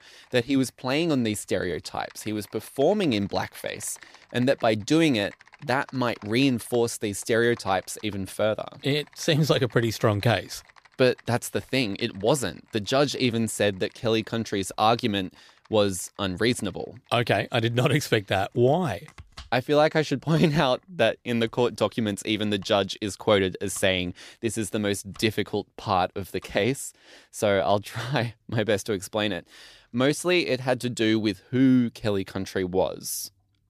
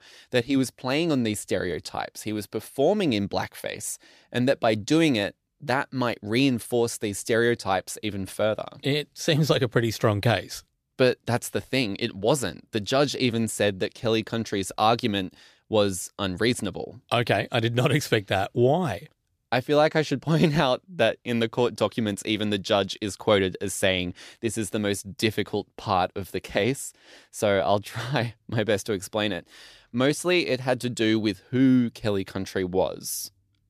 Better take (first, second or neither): second